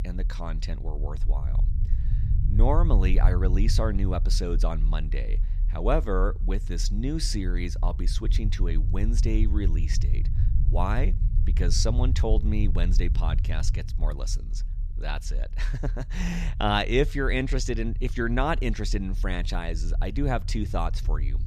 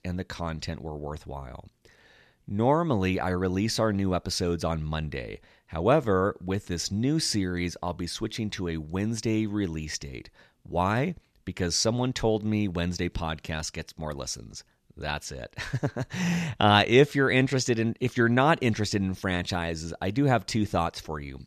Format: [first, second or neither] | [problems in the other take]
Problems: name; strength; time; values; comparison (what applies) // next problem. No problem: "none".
second | low rumble; noticeable; throughout; 15 dB below the speech